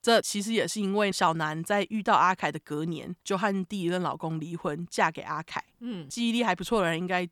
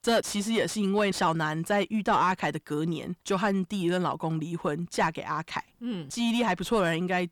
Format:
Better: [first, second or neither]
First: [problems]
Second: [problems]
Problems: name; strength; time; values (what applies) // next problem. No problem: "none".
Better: first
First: none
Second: distortion; slight; 10 dB below the speech